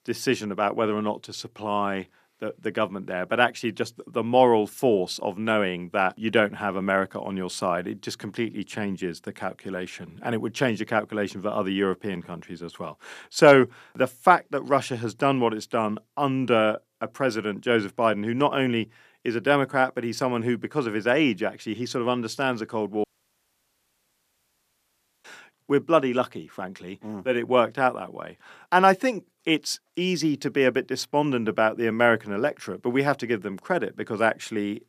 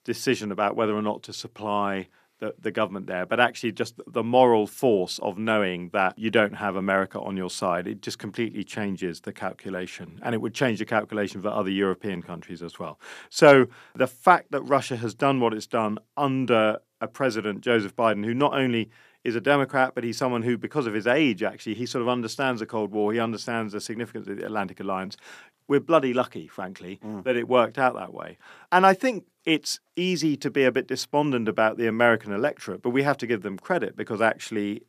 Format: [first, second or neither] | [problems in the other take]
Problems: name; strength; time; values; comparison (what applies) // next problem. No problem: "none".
second | audio cutting out; at 23 s for 2 s